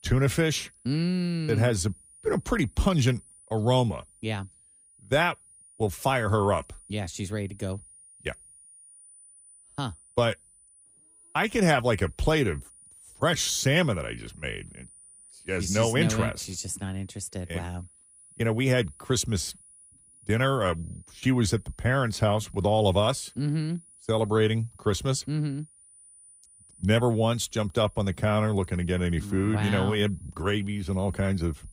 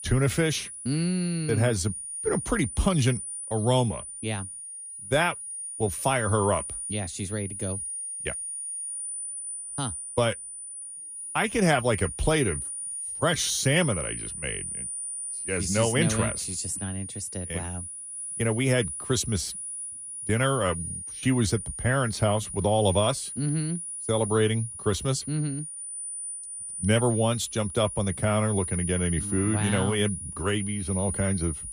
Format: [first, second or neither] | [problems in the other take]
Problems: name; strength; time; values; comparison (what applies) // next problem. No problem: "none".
first | high-pitched whine; loud; throughout; 9.5 kHz, 6 dB below the speech; faint in the first